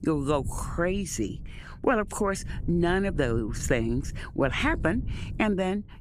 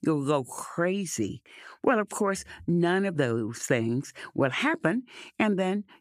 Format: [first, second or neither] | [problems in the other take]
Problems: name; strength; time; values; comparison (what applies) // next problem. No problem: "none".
second | wind noise on the microphone; occasional gusts; 20 dB below the speech